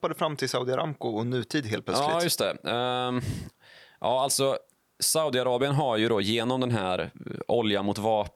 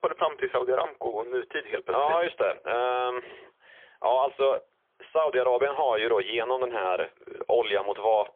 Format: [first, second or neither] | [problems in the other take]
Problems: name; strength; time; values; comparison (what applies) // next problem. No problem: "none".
first | phone-call audio; poor line; nothing above 3.5 kHz